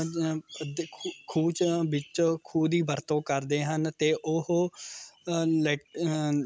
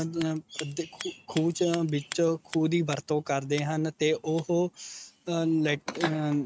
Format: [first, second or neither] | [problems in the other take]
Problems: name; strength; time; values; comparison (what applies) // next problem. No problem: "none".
first | noise reduction (neural mask model RNNoise)